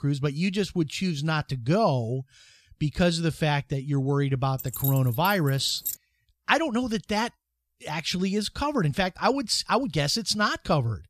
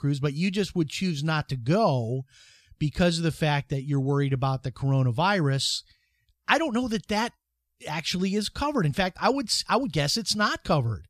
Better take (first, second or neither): second